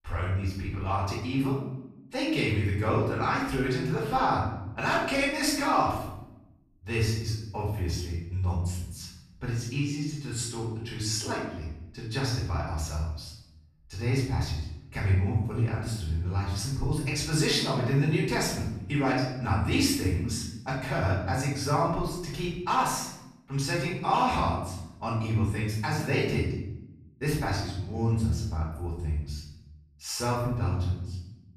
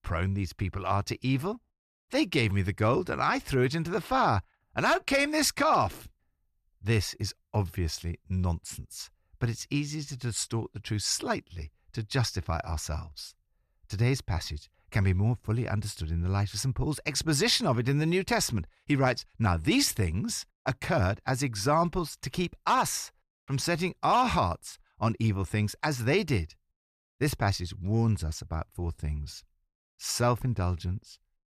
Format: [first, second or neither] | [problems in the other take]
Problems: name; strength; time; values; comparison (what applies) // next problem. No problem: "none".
second | off-mic speech; far // room echo; noticeable; dies away in 0.8 s